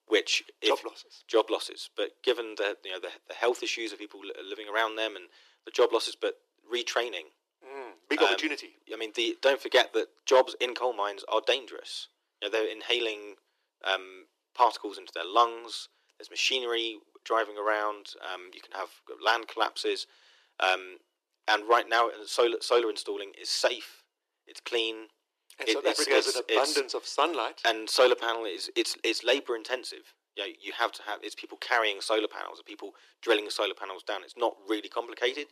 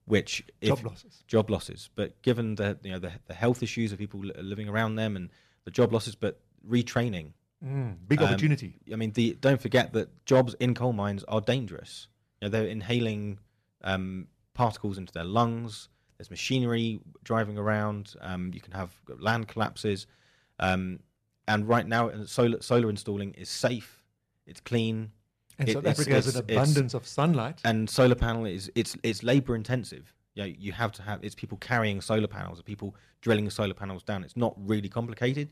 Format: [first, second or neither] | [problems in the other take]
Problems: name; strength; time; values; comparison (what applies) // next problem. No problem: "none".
second | thin; very; fading below 300 Hz